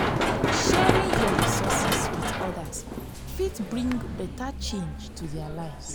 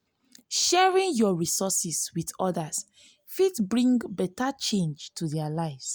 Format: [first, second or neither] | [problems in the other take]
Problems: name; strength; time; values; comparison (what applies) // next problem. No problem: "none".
second | background sound (Run); 5 dB above the speech